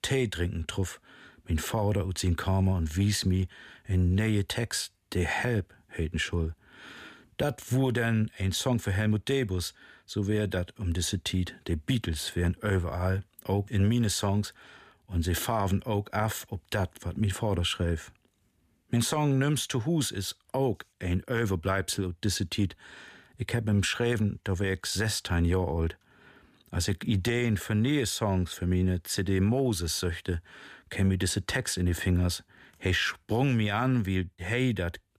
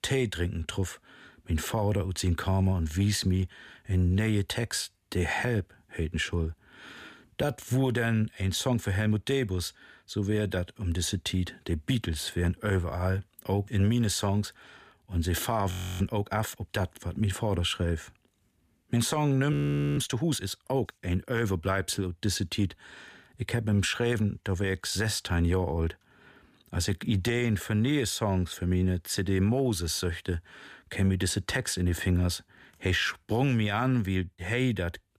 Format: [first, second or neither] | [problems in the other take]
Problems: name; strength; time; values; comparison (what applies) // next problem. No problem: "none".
first | audio freezing; at 16 s and at 20 s